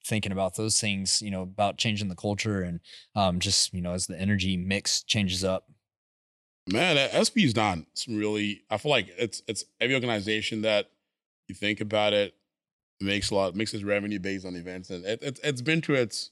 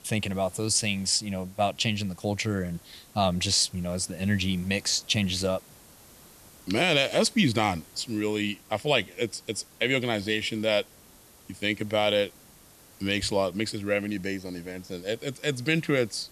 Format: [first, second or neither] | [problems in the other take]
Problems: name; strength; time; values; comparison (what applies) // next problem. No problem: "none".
first | hiss; faint; throughout; 25 dB below the speech